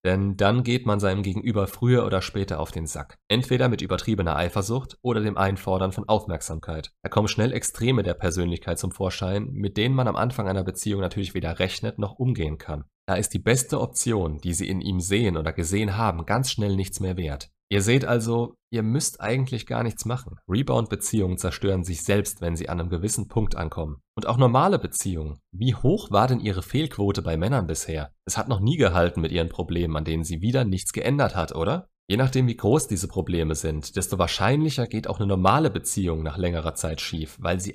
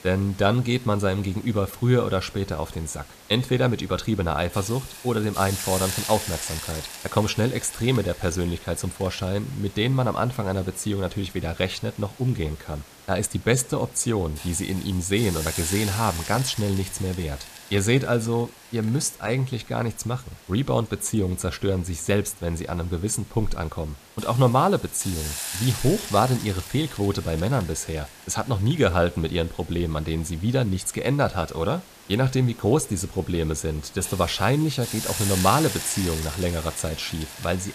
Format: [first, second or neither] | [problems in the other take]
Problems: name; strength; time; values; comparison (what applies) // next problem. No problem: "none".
first | hiss; loud; throughout; 10 dB below the speech